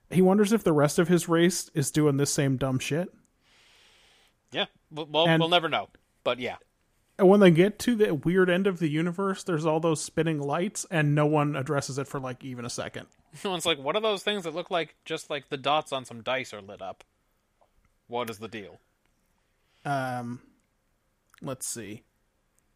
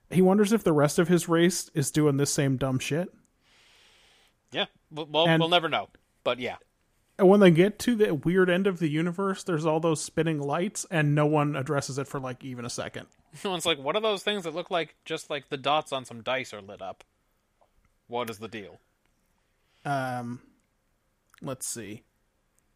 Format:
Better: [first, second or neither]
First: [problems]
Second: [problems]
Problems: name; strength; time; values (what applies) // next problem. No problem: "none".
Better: neither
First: none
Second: none